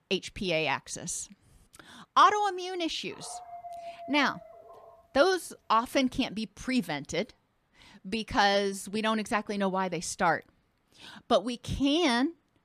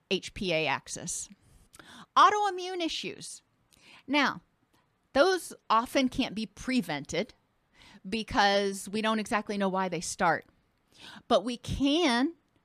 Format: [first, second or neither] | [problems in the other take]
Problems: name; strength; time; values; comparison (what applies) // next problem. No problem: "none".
second | dog barking; faint; from 3 to 5 s; peak 15 dB below the speech